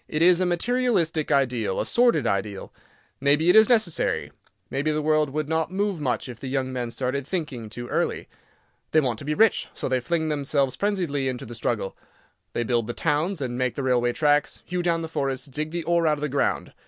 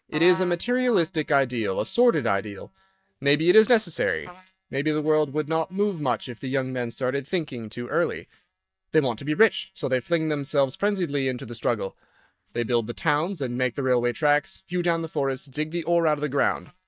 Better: first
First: none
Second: noise reduction (neural mask model DeepFilterNet 3)

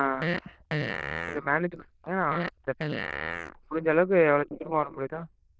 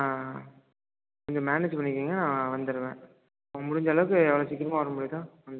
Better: second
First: noise reduction (neural diffusion model UNIVERSE++)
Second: none

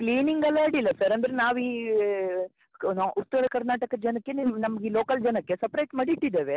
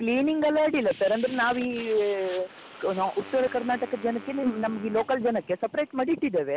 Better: first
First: none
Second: background sound (Wind instrument, woodwind instrument + Fire); 19 dB below the speech

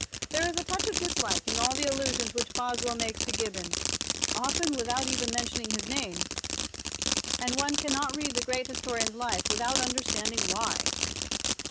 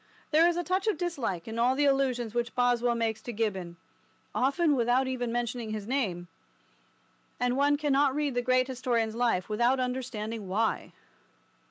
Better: second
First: background sound (Fireworks); 3 dB above the speech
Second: none

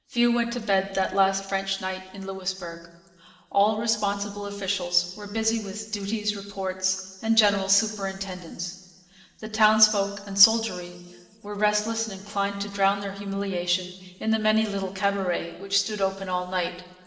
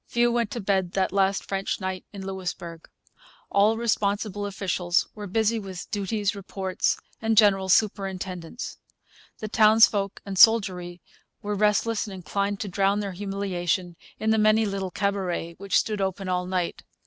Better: second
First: room echo; dies away in 2.9 s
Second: none

